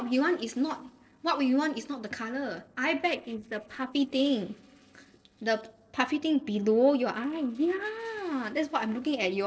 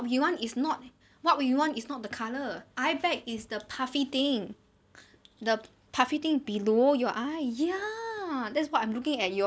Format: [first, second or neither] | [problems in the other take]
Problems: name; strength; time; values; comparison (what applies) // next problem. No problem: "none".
second | noise reduction (neural separator model SepFormer DNS4)